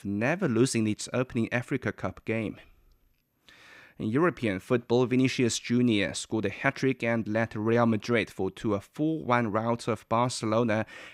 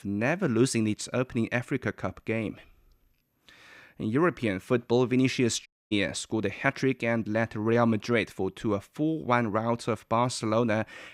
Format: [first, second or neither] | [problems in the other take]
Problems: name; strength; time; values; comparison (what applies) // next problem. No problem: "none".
first | audio cutting out; at 5.5 s